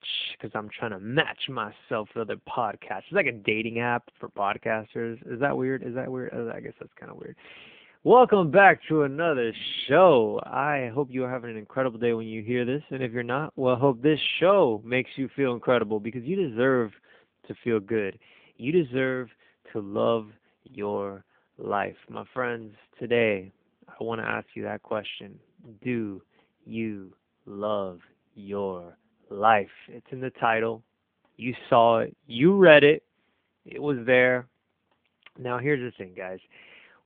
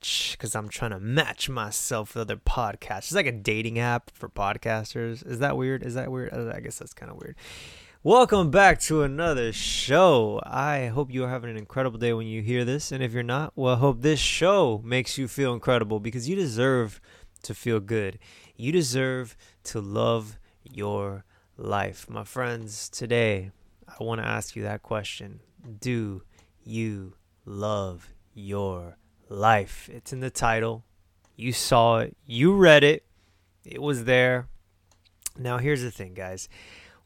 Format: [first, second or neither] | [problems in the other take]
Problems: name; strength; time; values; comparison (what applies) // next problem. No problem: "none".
second | phone-call audio; nothing above 3.5 kHz